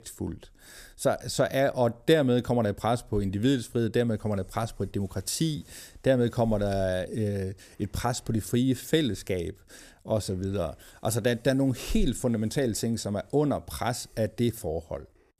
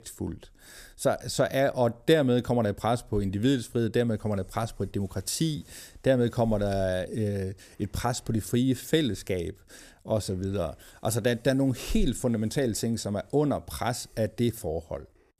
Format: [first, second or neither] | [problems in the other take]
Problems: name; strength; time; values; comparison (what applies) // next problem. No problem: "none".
neither | none